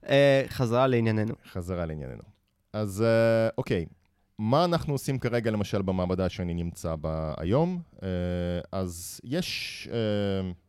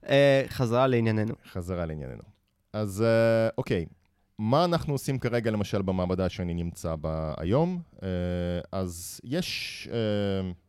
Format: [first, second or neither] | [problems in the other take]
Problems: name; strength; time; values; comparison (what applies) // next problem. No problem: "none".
neither | none